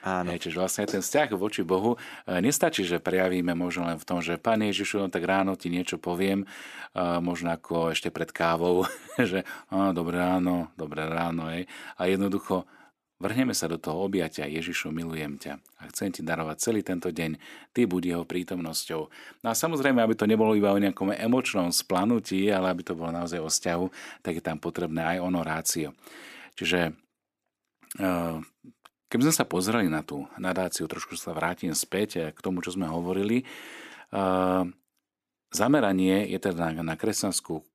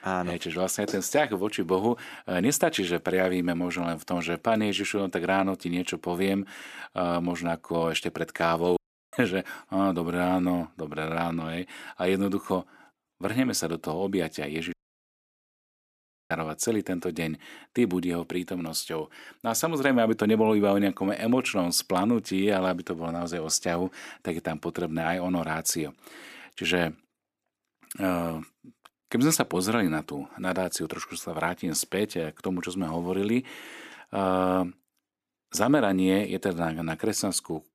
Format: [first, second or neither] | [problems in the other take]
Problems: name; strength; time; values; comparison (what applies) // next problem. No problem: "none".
first | audio cutting out; at 9 s and at 15 s for 1.5 s